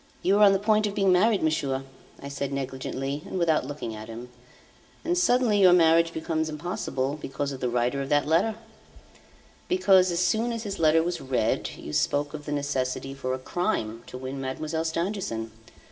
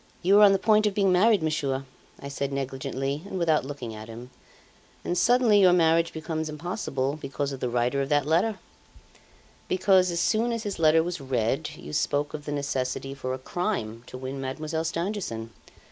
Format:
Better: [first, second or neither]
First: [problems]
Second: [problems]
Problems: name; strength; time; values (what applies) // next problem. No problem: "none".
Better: second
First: room echo; dies away in 1.5 s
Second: none